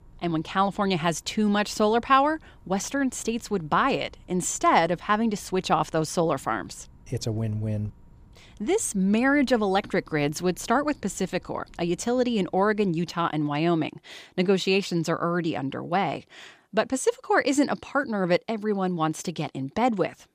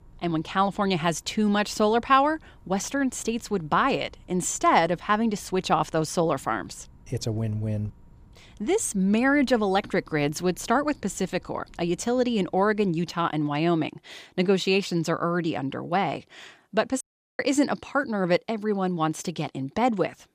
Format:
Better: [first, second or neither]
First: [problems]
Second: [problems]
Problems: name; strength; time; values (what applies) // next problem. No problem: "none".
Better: first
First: none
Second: audio cutting out; at 17 s